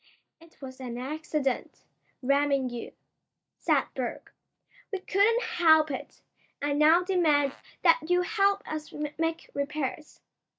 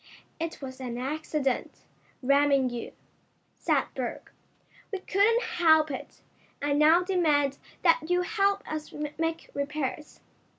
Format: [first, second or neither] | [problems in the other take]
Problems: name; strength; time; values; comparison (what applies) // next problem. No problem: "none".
second | noise reduction (neural mask model DeepFilterNet 3)